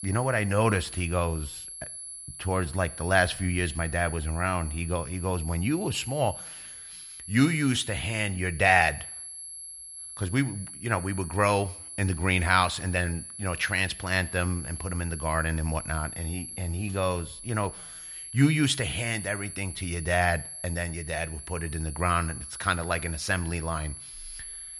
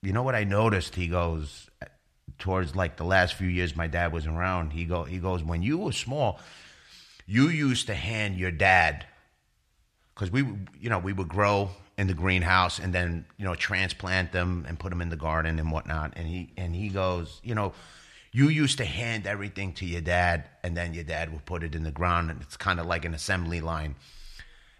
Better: second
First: high-pitched whine; noticeable; throughout; 11 kHz, 10 dB below the speech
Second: none

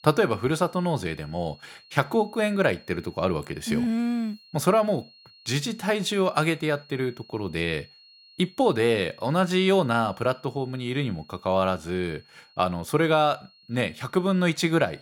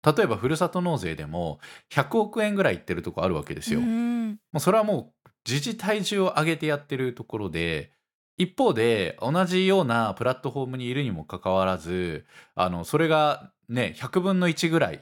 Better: second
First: high-pitched whine; faint; throughout; 4.5 kHz, 25 dB below the speech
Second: none

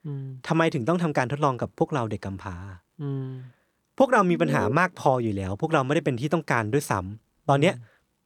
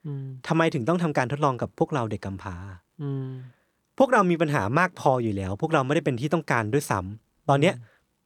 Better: second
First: alarm; noticeable; at 4.5 s; peak 5 dB below the speech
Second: none

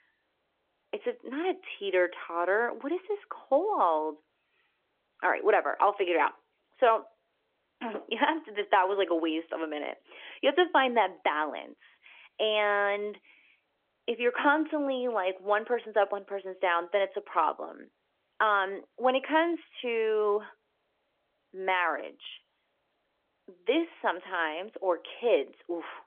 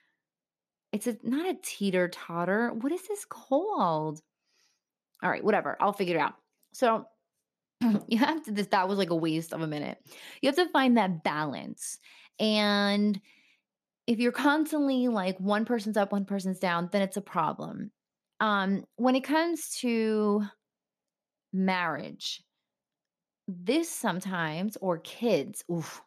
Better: second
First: phone-call audio; nothing above 3.5 kHz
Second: none

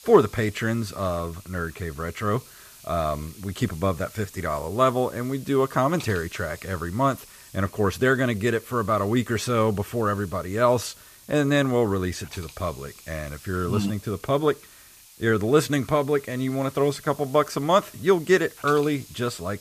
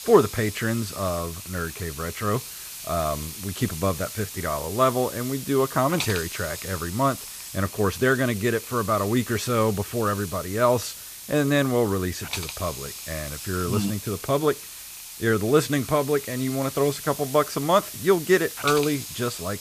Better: first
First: hiss; faint; throughout; 20 dB below the speech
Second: hiss; loud; throughout; 9 dB below the speech

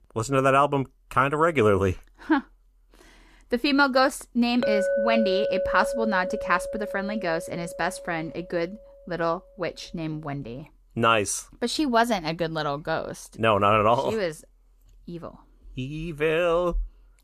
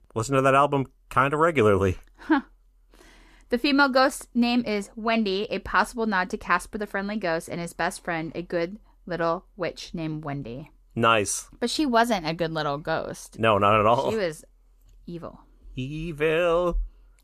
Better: second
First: clattering dishes; loud; from 4.5 to 8 s; peak 1 dB above the speech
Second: none

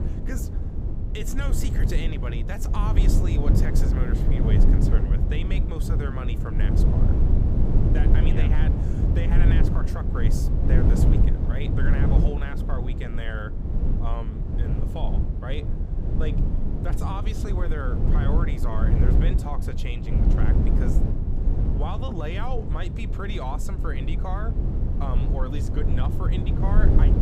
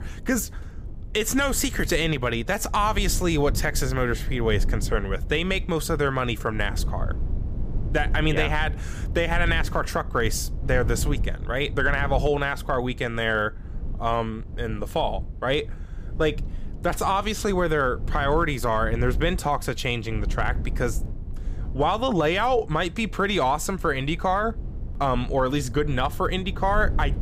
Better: second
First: low rumble; loud; throughout; as loud as the speech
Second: low rumble; faint; throughout; 20 dB below the speech

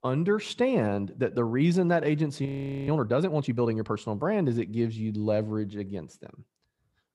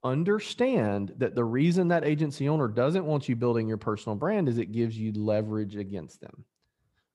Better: second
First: audio freezing; at 2.5 s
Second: none

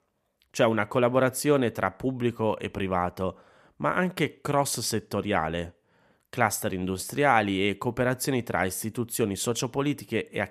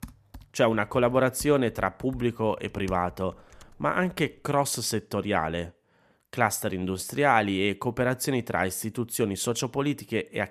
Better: first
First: none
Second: household noises; faint; until 4.5 s; 25 dB below the speech

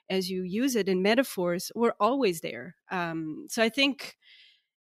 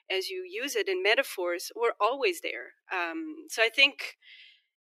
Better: first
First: none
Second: thin; very; fading below 300 Hz

